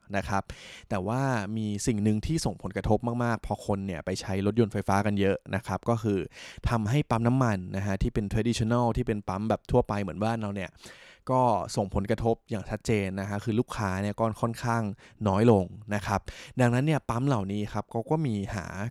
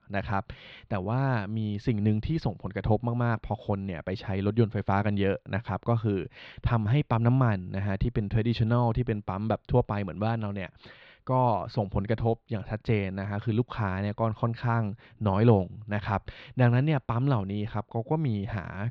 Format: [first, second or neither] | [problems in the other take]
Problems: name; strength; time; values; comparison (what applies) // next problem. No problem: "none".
first | muffled; slightly; fading above 4 kHz